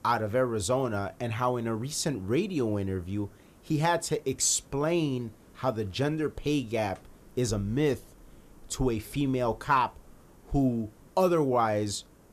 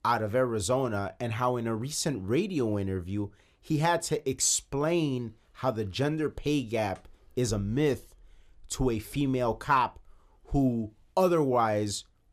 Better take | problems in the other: second | hiss; faint; throughout; 30 dB below the speech

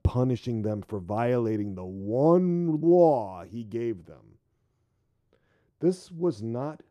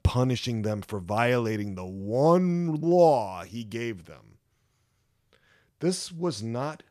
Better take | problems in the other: second | muffled; slightly; fading above 1.5 kHz

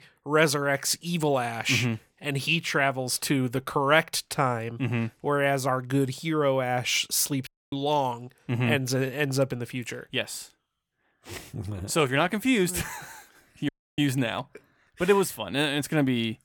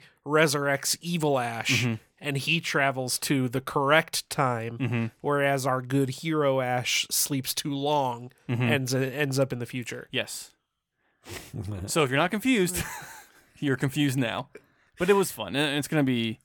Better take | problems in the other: second | audio cutting out; at 7.5 s and at 14 s

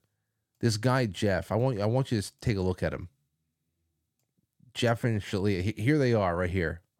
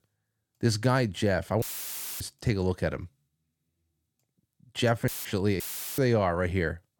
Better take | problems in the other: first | audio cutting out; filled with static; at 1.5 s for 0.5 s, at 5 s and at 5.5 s

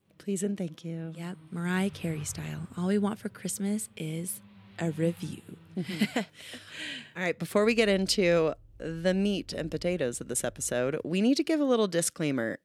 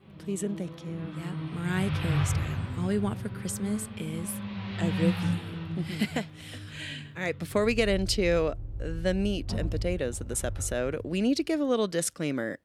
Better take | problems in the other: first | traffic noise; loud; throughout; 4 dB below the speech; faint in the first

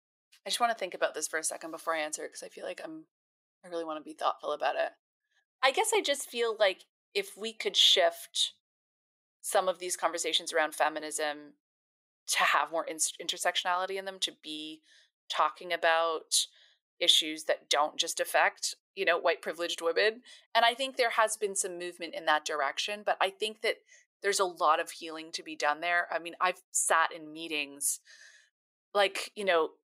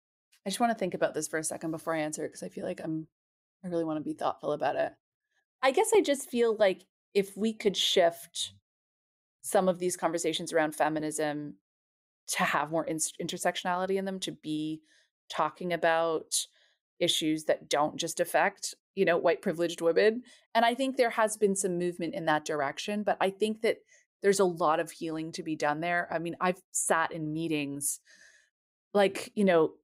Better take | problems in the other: second | thin; very; fading below 550 Hz

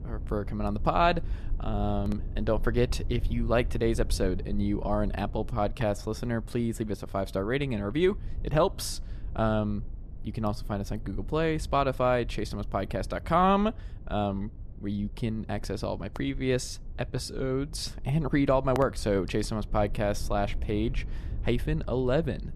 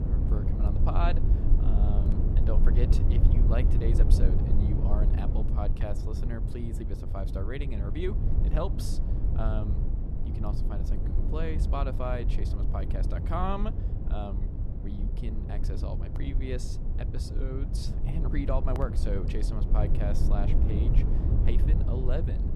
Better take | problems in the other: first | low rumble; loud; throughout; 4 dB below the speech; faint in the first

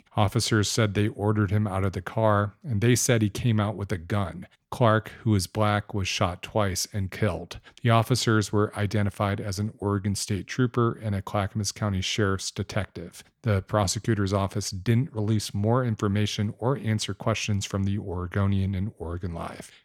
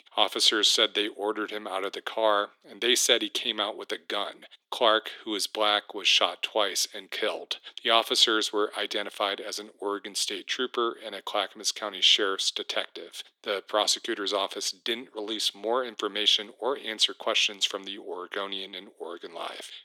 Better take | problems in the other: first | thin; very; fading below 350 Hz

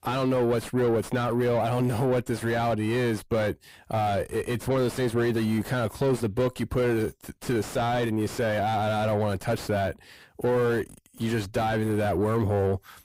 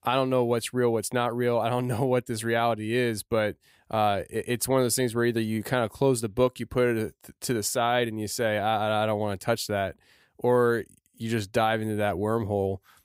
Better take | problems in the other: second | distortion; heavy; 5 dB below the speech

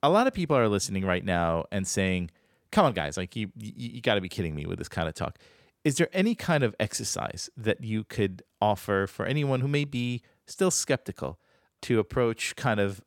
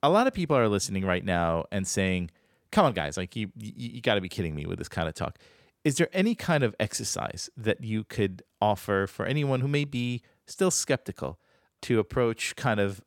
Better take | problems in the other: neither | none

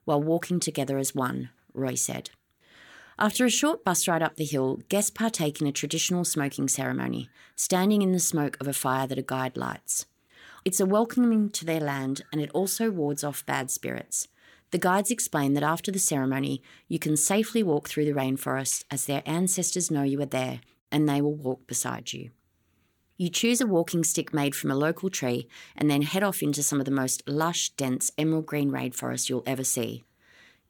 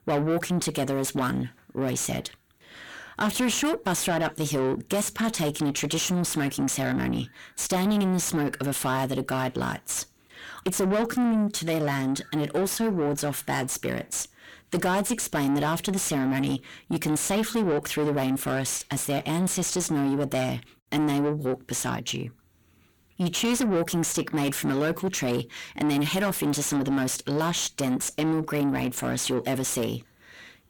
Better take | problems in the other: first | distortion; heavy; 7 dB below the speech

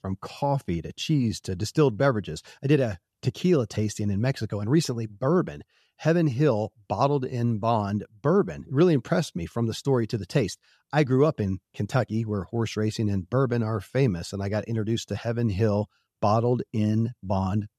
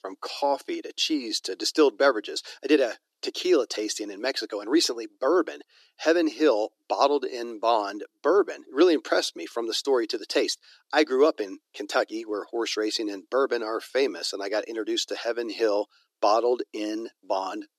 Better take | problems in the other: first | thin; very; fading below 300 Hz

